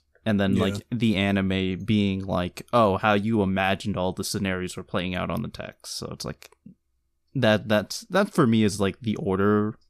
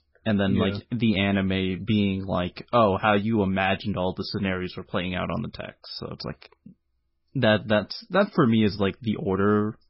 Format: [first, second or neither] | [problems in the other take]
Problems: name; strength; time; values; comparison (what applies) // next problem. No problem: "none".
first | garbled, watery; badly; nothing above 5.5 kHz